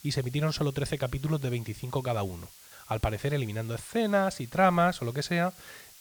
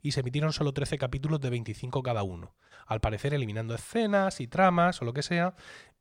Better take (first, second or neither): second